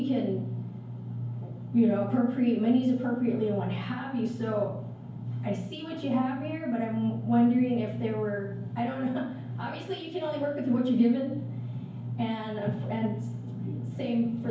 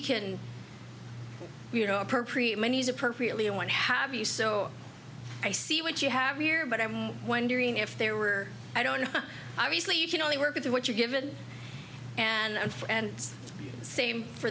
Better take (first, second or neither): second